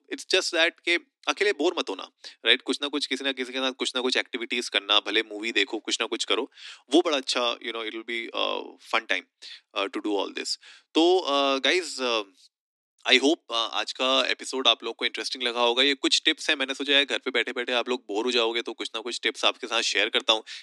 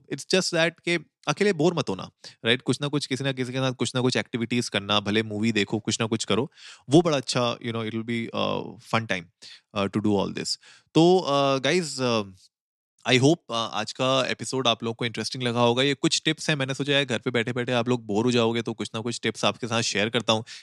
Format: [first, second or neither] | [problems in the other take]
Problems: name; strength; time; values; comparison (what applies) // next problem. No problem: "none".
second | thin; somewhat; fading below 250 Hz